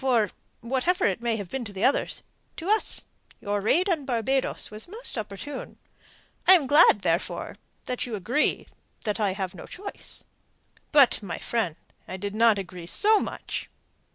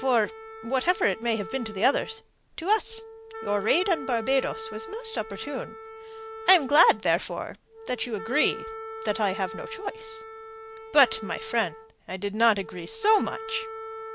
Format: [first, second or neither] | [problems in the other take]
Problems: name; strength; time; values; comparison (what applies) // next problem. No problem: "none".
first | background sound (Wind instrument, woodwind instrument); 12 dB below the speech